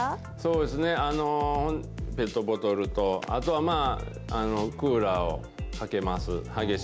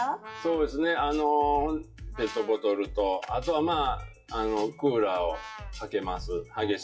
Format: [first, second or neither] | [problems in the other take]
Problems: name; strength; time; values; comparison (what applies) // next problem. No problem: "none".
first | noise reduction (classical method WPE with log-MMSE)